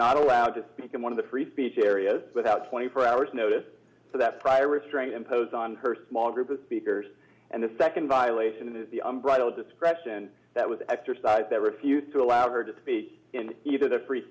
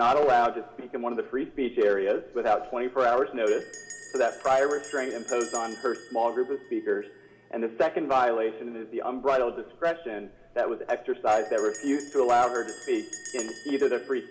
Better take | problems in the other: first | background sound (Bell); 19 dB below the speech // room echo; dies away in 0.8 s

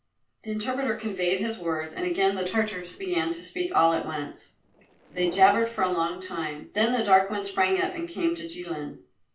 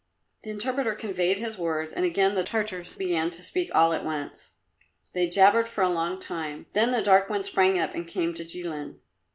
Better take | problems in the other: second | noise reduction (neural separator model SepFormer DNS4)

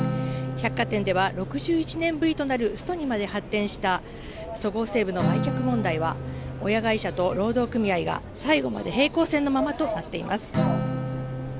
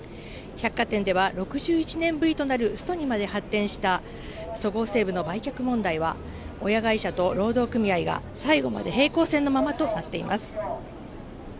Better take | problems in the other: second | background sound (Acoustic guitar); 6 dB below the speech

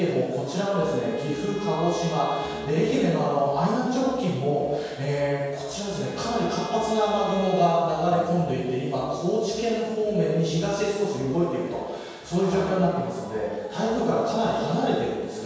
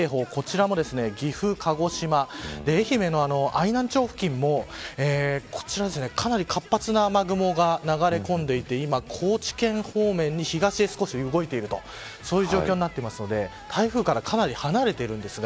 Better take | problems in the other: second | background sound (Bowed string instrument); 13 dB below the speech // room echo; dies away in 1.2 s

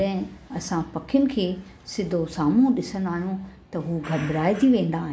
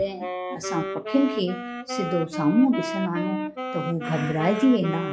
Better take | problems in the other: first | noise reduction (classical method log-MMSE)

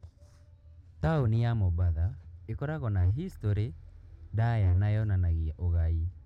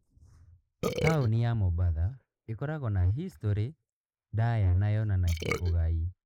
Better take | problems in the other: first | noise reduction (neural mask model Resemble Enhance denoiser)

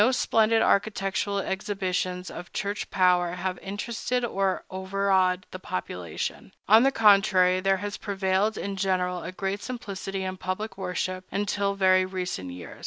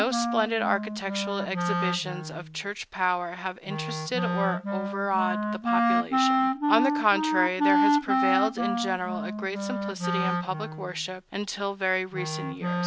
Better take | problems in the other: first | background sound (Wind instrument, woodwind instrument); 2 dB above the speech

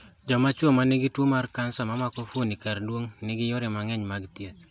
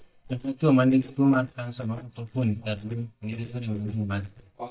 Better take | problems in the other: first | noise reduction (neural mask model DeepFilterNet 3)

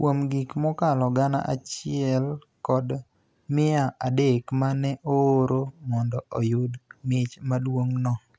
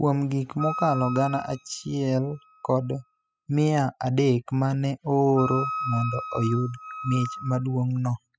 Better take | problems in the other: first | noise reduction (classical method spectral subtraction)

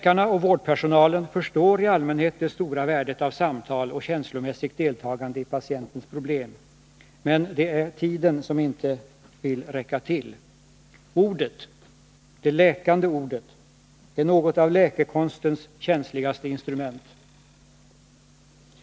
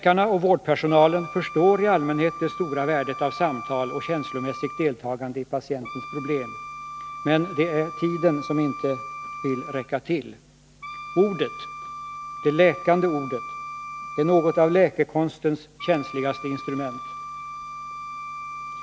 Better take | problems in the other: first | background sound (Wind instrument, woodwind instrument); 12 dB below the speech

